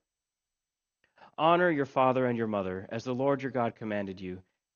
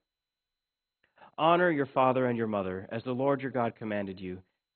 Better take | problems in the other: first | garbled, watery; badly; slightly in the first

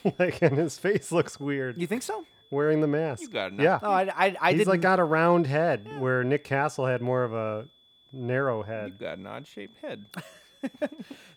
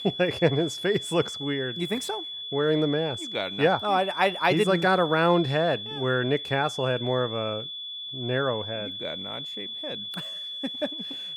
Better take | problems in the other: first | high-pitched whine; loud; throughout; 3.5 kHz, 7 dB below the speech; faint in the first

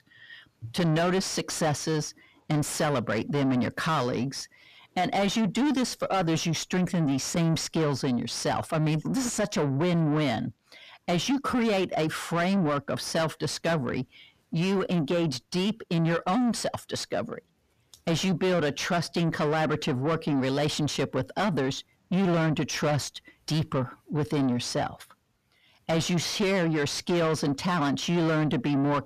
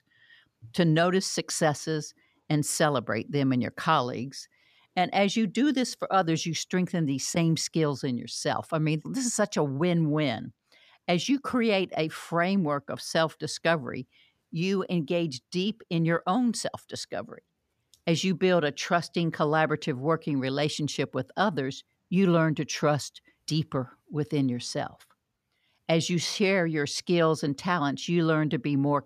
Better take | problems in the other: second | distortion; heavy; 8 dB below the speech

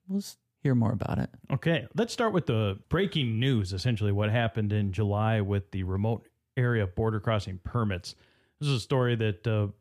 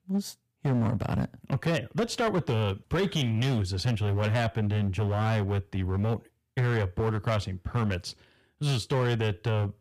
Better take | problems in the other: first | distortion; slight; 13% of the sound clipped

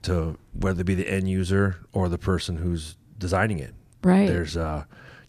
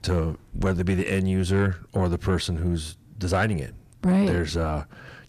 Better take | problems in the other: first | distortion; slight; 10 dB below the speech

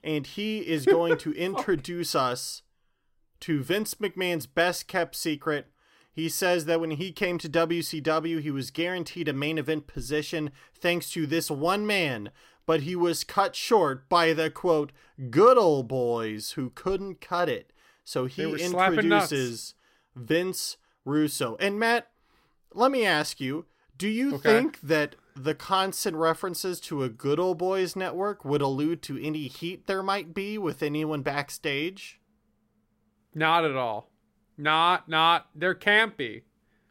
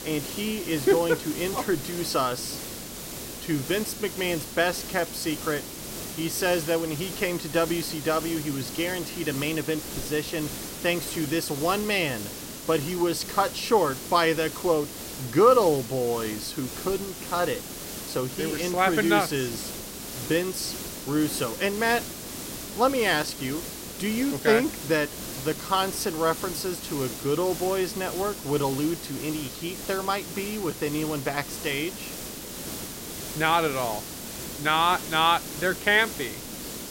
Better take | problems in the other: first | hiss; loud; throughout; 8 dB below the speech

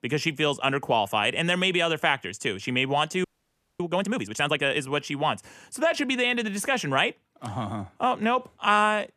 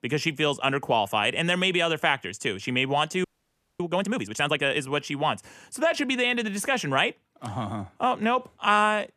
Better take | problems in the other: neither | audio freezing; at 3 s for 0.5 s; the same in both

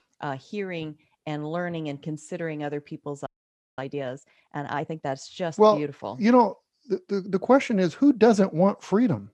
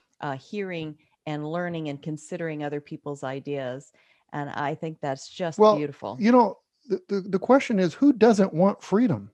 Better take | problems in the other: second | audio freezing; at 3.5 s for 0.5 s

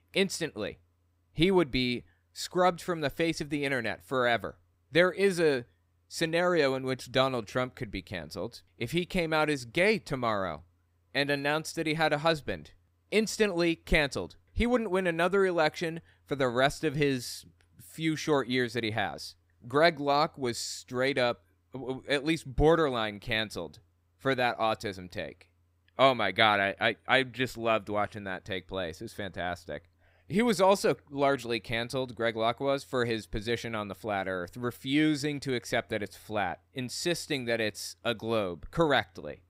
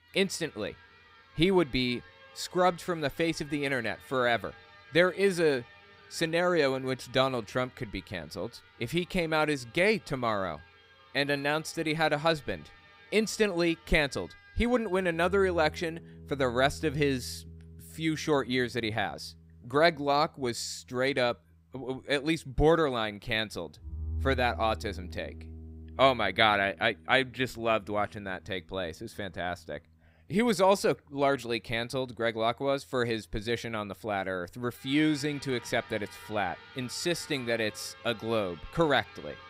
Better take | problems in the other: first | background music; noticeable; throughout; 20 dB below the speech

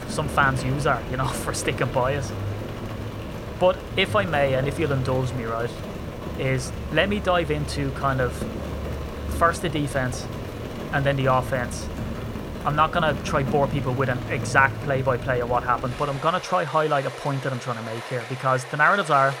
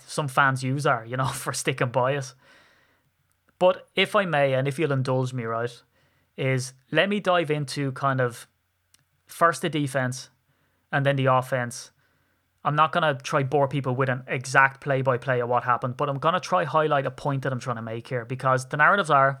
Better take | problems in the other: second | rain or running water; loud; throughout; 9 dB below the speech

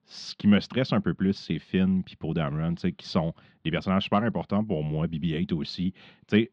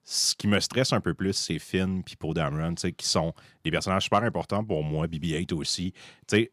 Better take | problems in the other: second | muffled; slightly; fading above 3.5 kHz

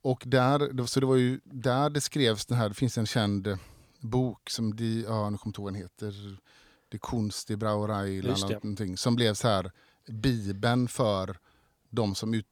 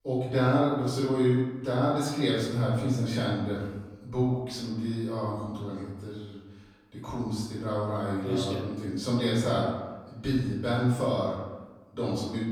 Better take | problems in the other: first | off-mic speech; far // room echo; noticeable; dies away in 1.1 s

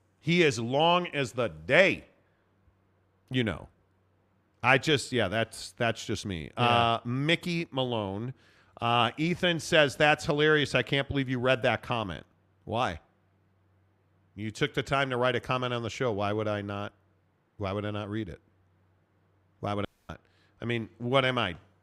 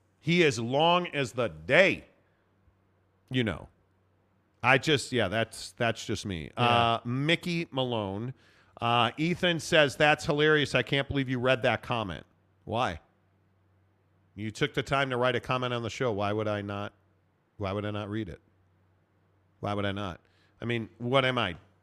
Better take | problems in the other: second | audio cutting out; at 20 s

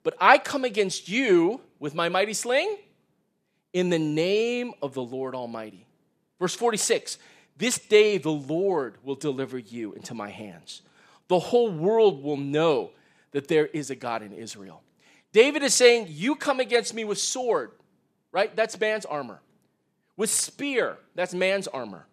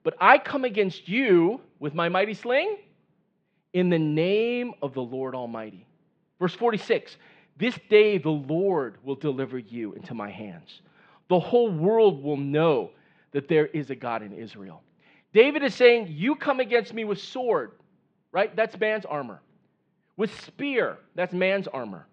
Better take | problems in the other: first | muffled; very; fading above 3.5 kHz

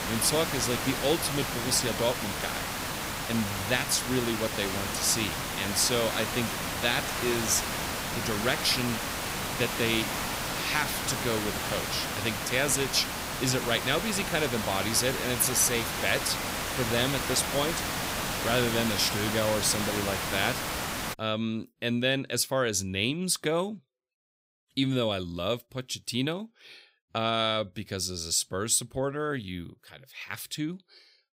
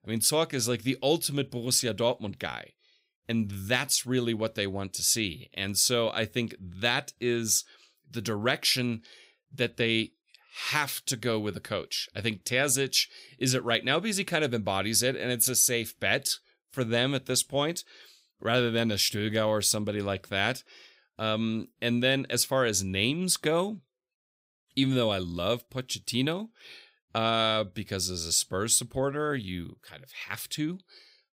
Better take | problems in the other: second | hiss; loud; until 21 s; 2 dB below the speech

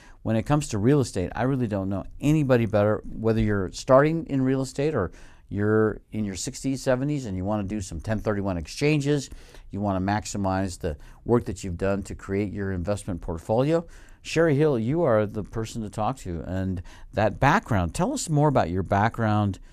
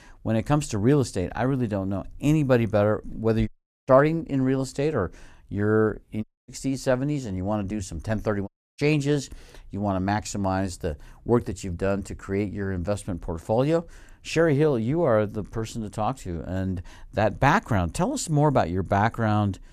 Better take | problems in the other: first | audio cutting out; at 3.5 s, at 6 s and at 8.5 s

